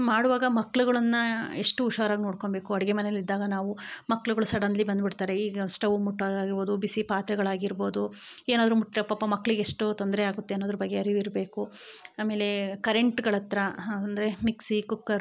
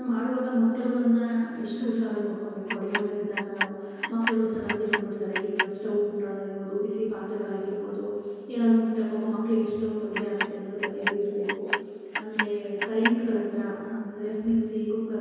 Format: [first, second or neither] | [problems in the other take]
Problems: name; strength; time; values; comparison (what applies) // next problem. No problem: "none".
first | background sound (Clock); 5 dB below the speech // room echo; dies away in 2.2 s